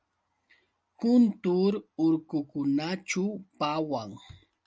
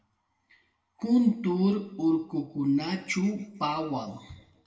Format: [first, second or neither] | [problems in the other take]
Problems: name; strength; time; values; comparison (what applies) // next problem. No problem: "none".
first | room echo; dies away in 0.7 s